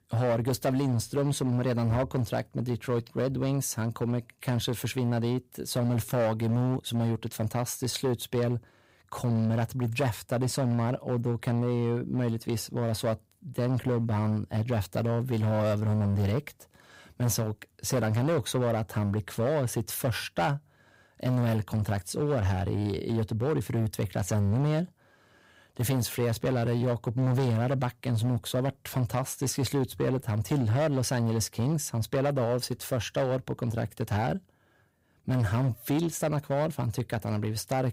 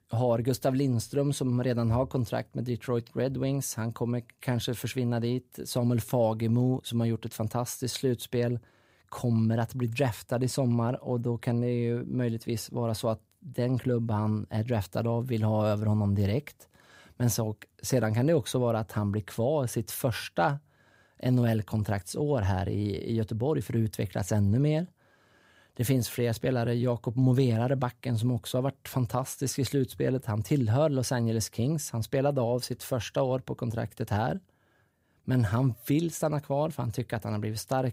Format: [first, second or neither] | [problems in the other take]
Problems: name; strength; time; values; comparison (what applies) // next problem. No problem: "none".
second | distortion; slight; 12% of the sound clipped